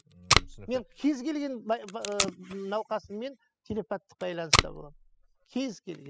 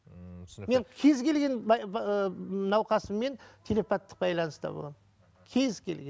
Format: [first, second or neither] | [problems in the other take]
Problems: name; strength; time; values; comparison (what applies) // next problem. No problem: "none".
second | noise reduction (classical method spectral subtraction)